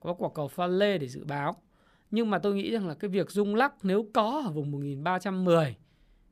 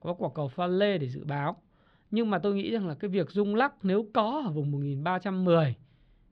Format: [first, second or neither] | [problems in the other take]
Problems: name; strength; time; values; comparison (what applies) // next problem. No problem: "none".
first | muffled; very slightly; fading above 4 kHz